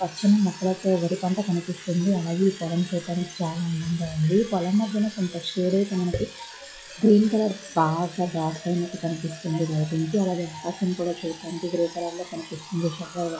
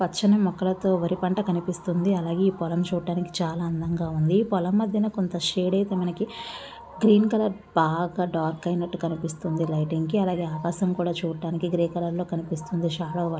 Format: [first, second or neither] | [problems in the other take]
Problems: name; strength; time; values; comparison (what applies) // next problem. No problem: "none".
second | noise reduction (classical method log-MMSE)